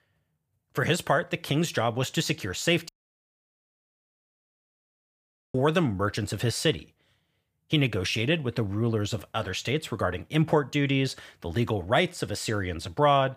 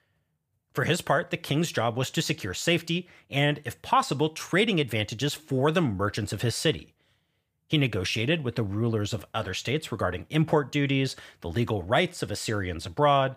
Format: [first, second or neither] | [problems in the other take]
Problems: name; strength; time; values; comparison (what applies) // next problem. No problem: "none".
second | audio cutting out; at 3 s for 2.5 s